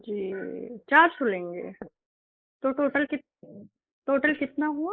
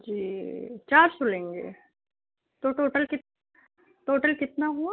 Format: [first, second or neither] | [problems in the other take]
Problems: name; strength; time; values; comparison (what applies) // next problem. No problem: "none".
second | noise reduction (neural mask model Resemble Enhance denoiser)